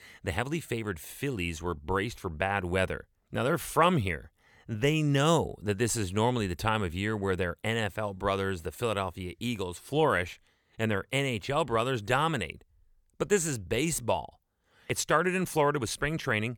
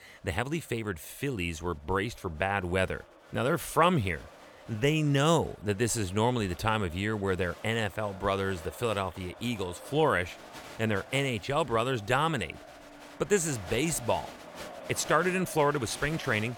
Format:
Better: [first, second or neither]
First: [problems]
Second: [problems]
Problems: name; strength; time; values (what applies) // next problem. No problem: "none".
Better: first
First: none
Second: crowd noise; noticeable; throughout; 20 dB below the speech